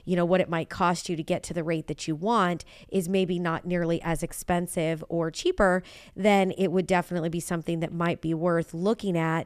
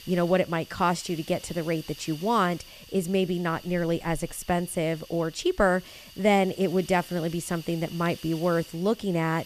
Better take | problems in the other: first | hiss; noticeable; throughout; 20 dB below the speech

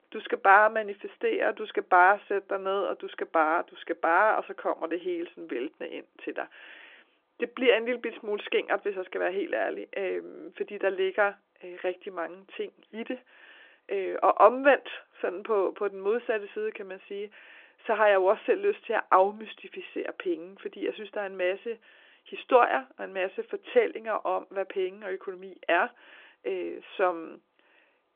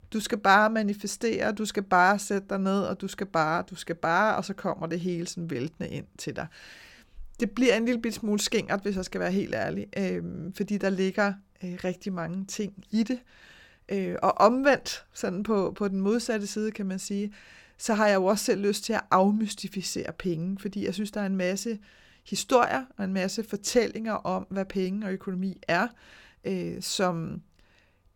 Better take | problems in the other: second | phone-call audio

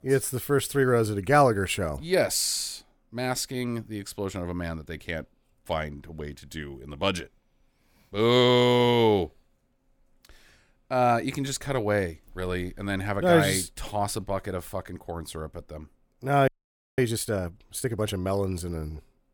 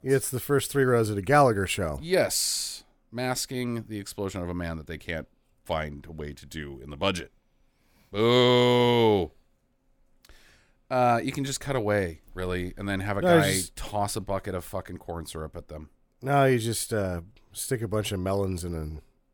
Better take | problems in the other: second | audio freezing; at 16 s for 0.5 s

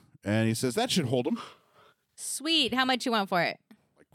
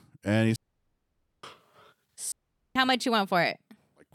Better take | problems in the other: first | audio cutting out; at 0.5 s for 1 s and at 2.5 s

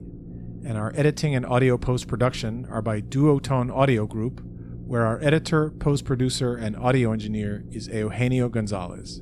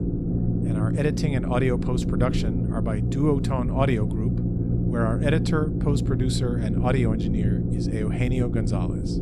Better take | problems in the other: first | low rumble; loud; throughout; 4 dB below the speech; faint in the first

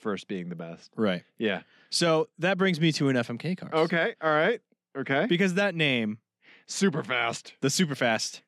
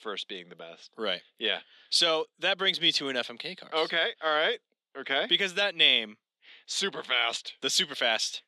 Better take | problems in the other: first | thin; somewhat; fading below 450 Hz

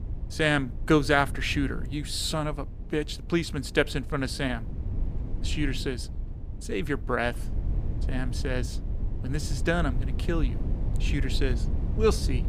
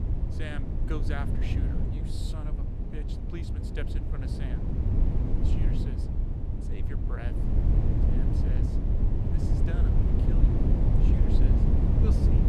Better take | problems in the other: first | wind noise on the microphone; heavy; 5 dB above the speech; occasional gusts in the first

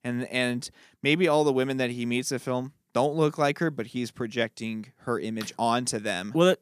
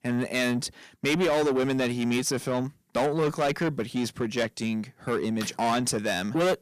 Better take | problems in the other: first | distortion; heavy; 7 dB below the speech

